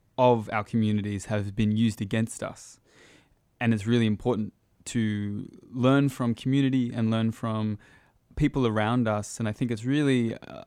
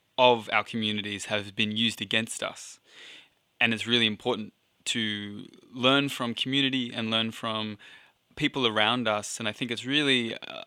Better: first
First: none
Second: thin; very slightly; fading below 1 kHz

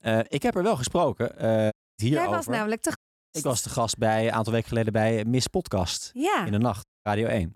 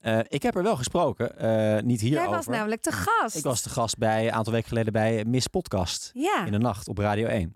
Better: second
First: audio cutting out; at 1.5 s, at 3 s and at 7 s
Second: none

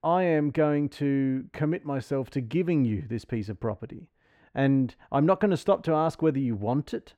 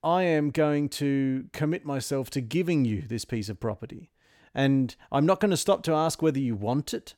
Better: second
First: muffled; slightly; fading above 3.5 kHz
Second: none

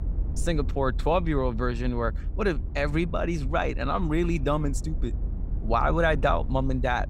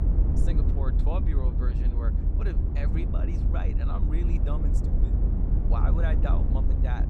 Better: first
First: low rumble; faint; throughout; 20 dB below the speech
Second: low rumble; loud; throughout; 2 dB below the speech

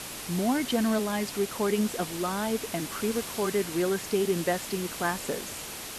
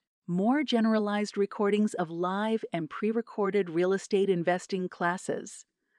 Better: second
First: hiss; loud; throughout; 7 dB below the speech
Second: none

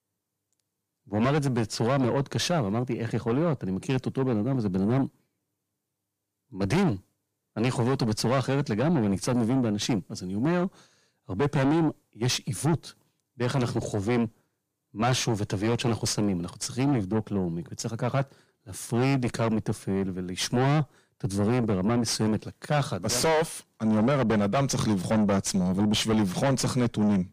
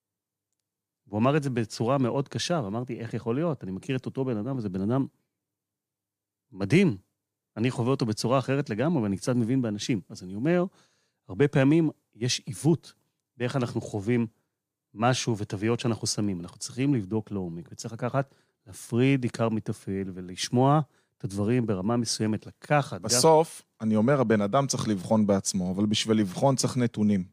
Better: second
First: distortion; heavy; 6 dB below the speech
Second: none

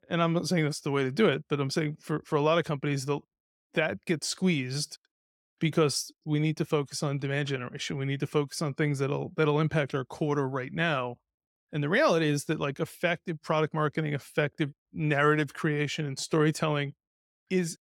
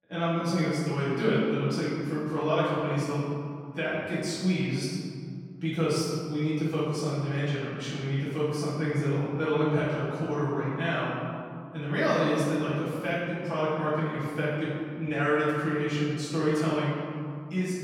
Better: first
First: none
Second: off-mic speech; far // room echo; strong; dies away in 2.1 s

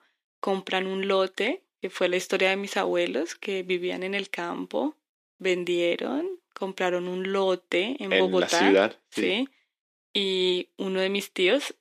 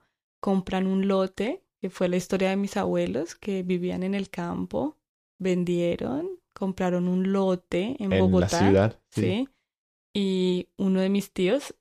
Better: second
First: thin; somewhat; fading below 250 Hz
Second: none

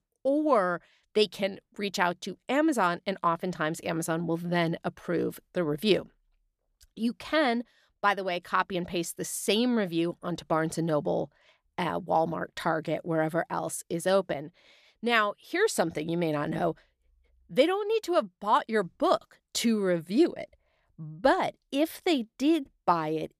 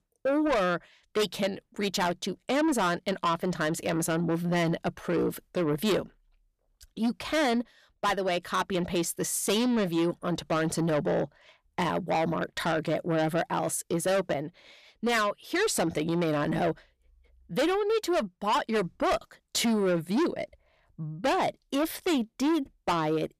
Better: first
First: none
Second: distortion; heavy; 7 dB below the speech

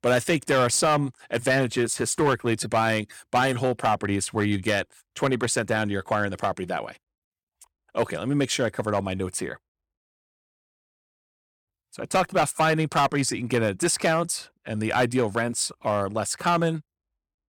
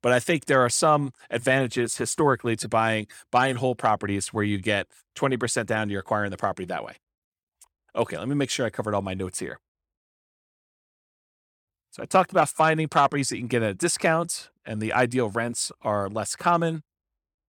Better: second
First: distortion; slight; 4% of the sound clipped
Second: none

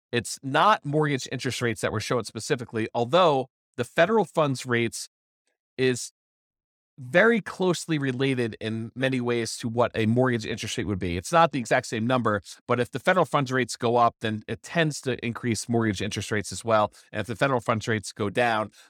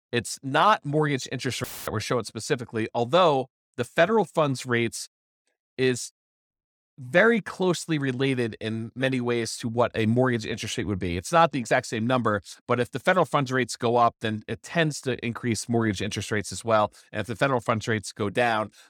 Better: first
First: none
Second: audio cutting out; filled with static; at 1.5 s

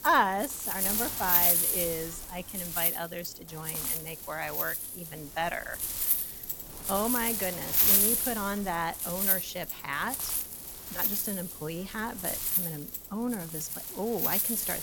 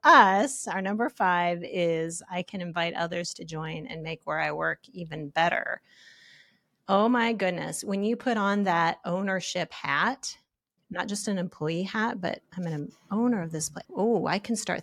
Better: second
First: wind noise on the microphone; heavy; 2 dB below the speech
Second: none

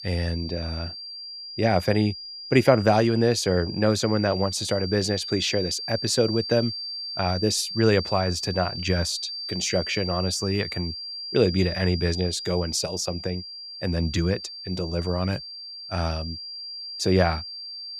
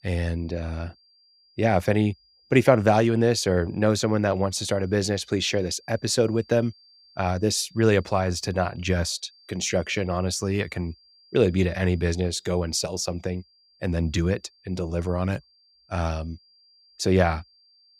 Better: second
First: high-pitched whine; loud; throughout; 4.5 kHz, 8 dB below the speech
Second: high-pitched whine; faint; throughout; 4.5 kHz, 30 dB below the speech

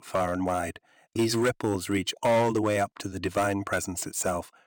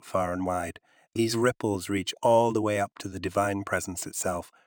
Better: second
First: distortion; slight; 5% of the sound clipped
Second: none

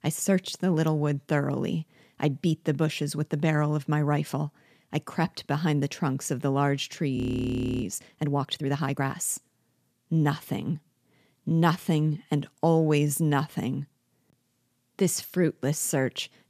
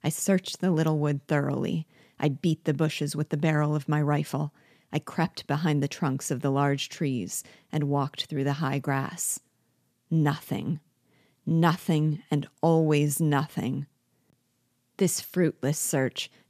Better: second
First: audio freezing; at 7 s for 0.5 s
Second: none

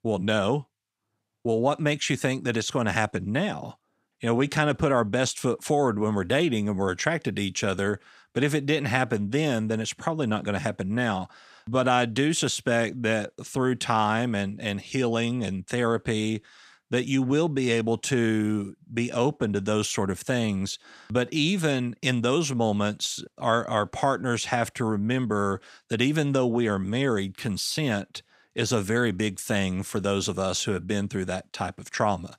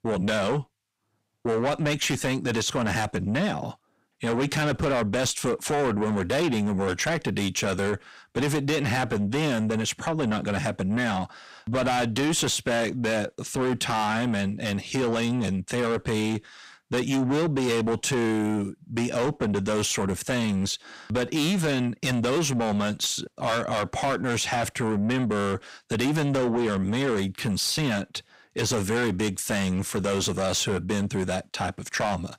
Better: first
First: none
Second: distortion; heavy; 6 dB below the speech

